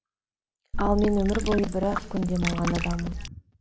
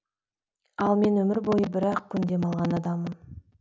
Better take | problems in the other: second | background sound (Water / Liquid); 3 dB below the speech

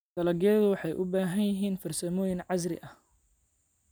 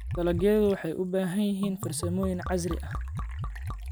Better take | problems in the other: first | background sound (Liquid); 7 dB below the speech

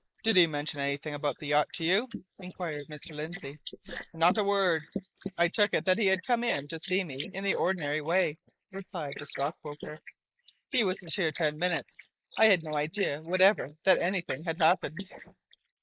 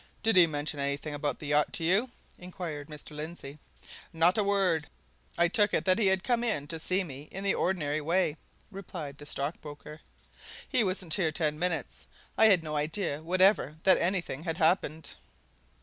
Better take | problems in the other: second | noise reduction (neural mask model Resemble Enhance denoiser)

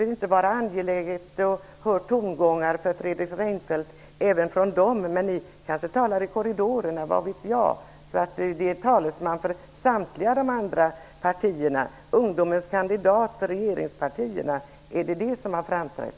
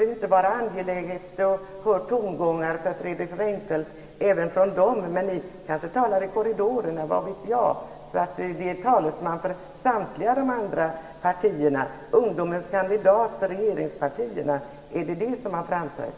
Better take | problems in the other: first | room echo; dies away in 1.9 s

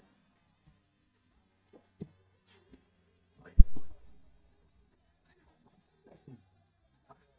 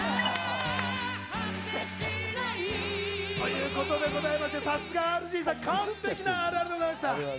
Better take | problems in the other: second | noise reduction (neural mask model DeepFilterNet 3)

